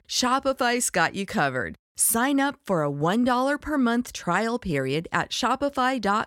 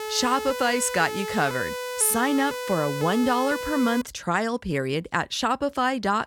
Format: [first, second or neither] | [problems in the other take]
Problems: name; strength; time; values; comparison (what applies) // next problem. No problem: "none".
first | siren; noticeable; until 4 s; peak 7 dB below the speech